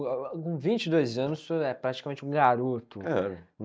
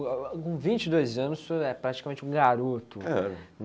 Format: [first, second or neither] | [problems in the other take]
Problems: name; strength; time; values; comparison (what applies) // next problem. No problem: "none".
second | noise reduction (neural mask model DeepFilterNet 3)